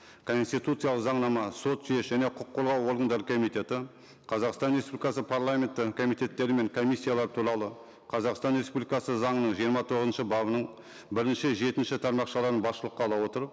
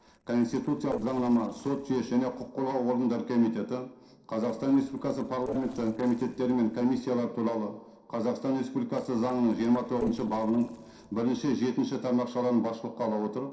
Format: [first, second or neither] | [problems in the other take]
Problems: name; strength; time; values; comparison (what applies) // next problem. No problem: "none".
first | noise reduction (neural separator model SepFormer DNS4)